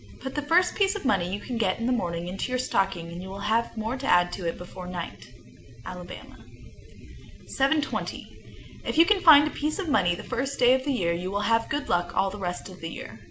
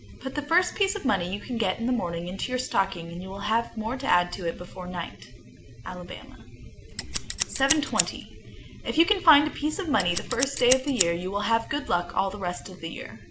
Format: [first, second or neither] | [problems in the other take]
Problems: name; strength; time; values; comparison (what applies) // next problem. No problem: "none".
first | background sound (Scissors); 3 dB below the speech